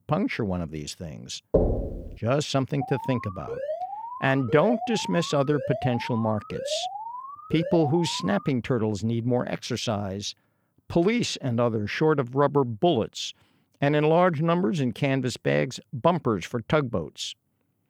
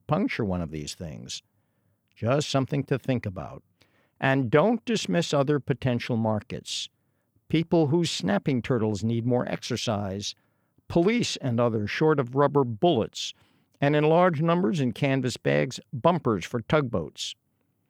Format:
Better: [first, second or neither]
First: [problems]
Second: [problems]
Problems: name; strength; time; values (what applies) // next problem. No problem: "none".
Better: second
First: door banging; loud; at 1.5 s; peak 1 dB above the speech // alarm; noticeable; from 3 to 8.5 s; peak 6 dB below the speech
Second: none